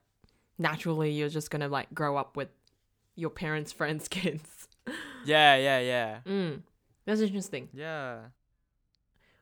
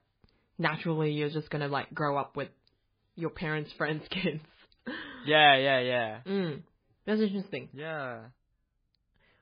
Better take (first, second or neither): first